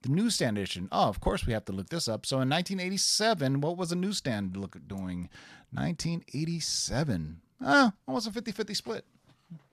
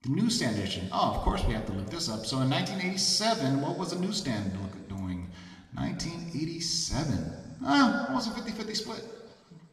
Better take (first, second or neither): first